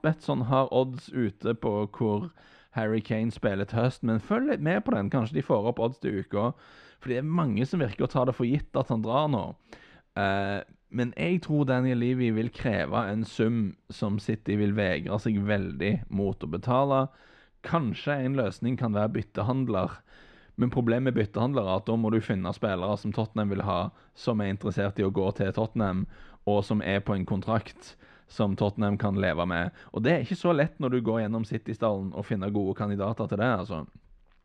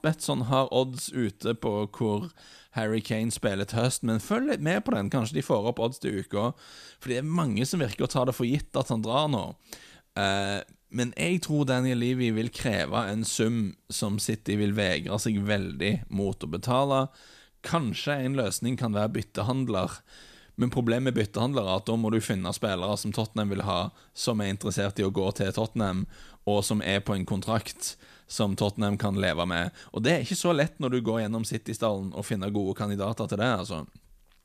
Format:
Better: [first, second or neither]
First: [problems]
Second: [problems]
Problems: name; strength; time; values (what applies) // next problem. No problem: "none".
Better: second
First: muffled; slightly; fading above 2.5 kHz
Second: none